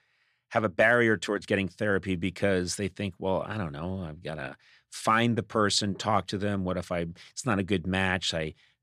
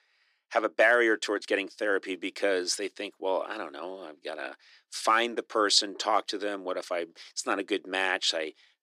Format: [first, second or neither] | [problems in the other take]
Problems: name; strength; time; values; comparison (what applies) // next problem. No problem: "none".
first | thin; somewhat; fading below 300 Hz